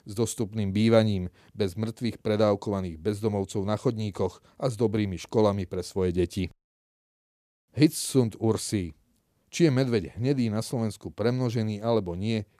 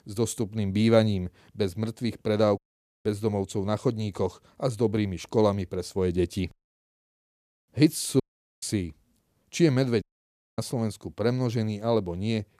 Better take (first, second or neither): first